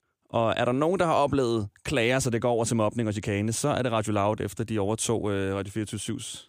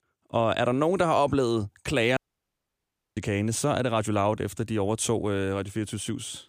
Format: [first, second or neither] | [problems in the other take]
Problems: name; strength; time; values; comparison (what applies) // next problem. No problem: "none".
first | audio cutting out; at 2 s for 1 s